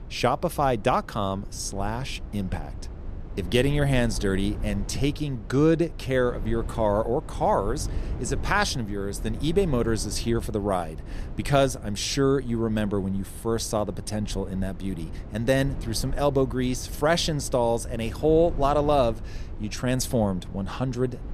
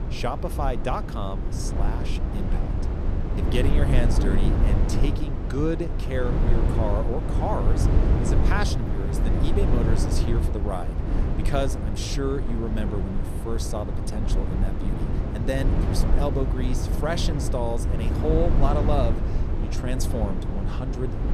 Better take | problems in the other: first | low rumble; loud; throughout; 3 dB below the speech; faint in the first

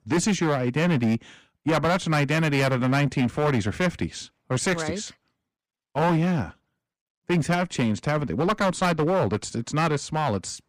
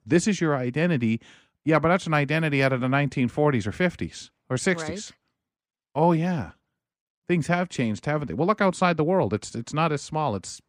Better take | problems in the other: second | distortion; heavy; 12% of the sound clipped

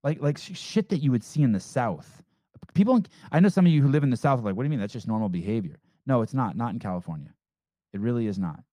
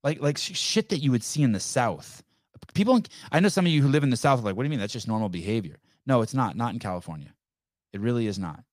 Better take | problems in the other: second | muffled; slightly; fading above 2.5 kHz

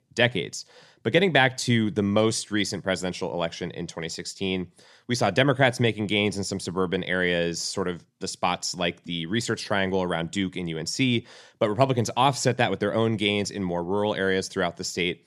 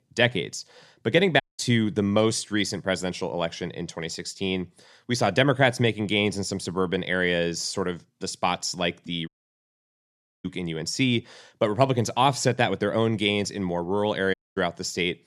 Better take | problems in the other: first | audio cutting out; at 1.5 s, at 9.5 s for 1 s and at 14 s

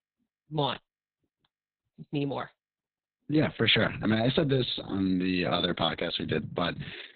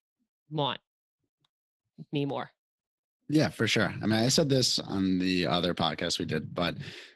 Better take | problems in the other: second | garbled, watery; badly; nothing above 4 kHz; slightly in the second

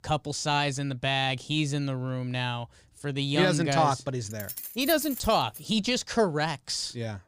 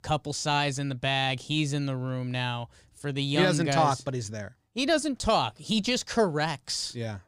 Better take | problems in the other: second | jangling keys; noticeable; from 4.5 to 5.5 s; peak 6 dB below the speech

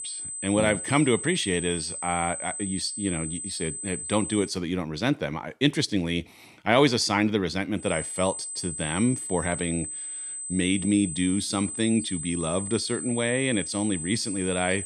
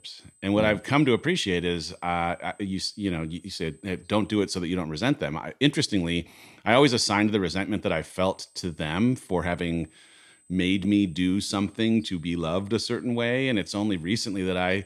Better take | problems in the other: second | high-pitched whine; loud; until 4.5 s and from 8 s on; 8 kHz, 6 dB below the speech; faint in the second

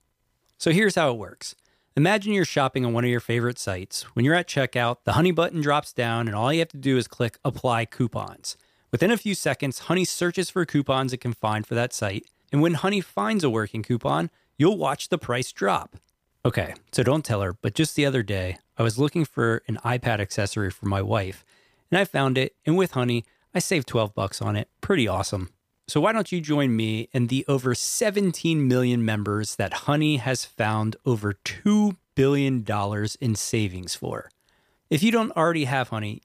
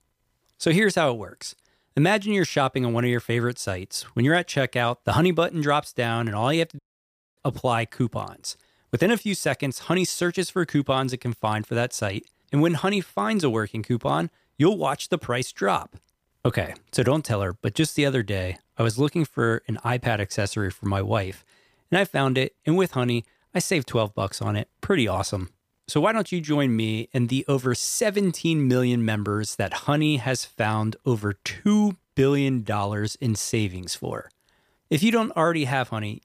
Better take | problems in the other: first | audio cutting out; at 7 s for 0.5 s

